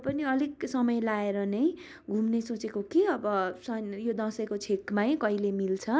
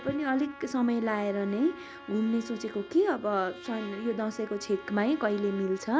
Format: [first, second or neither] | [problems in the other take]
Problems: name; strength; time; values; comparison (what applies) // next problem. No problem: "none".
first | background sound (Bowed string instrument + Trumpet); 17 dB below the speech